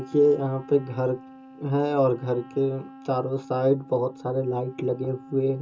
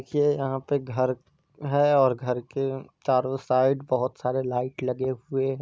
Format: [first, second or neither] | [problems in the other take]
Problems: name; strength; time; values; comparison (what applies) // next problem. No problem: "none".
second | background sound (Wind instrument, woodwind instrument); 19 dB below the speech // room echo; dies away in 0.2 s